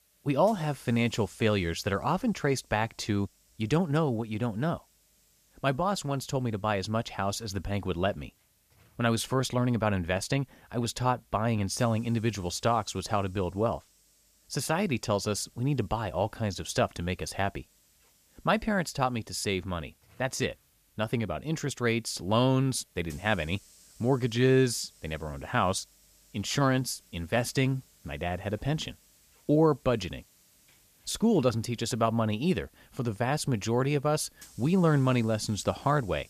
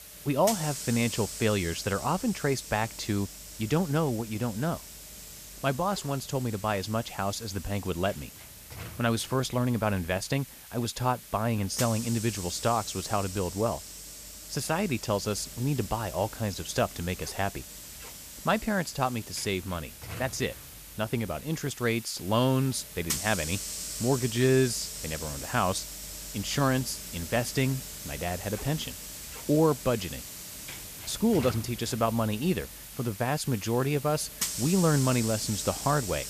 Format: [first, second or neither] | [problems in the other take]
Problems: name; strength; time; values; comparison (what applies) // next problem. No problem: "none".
first | hiss; loud; throughout; 9 dB below the speech; faint in the first